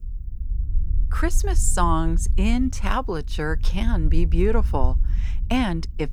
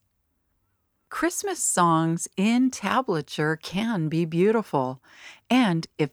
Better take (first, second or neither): second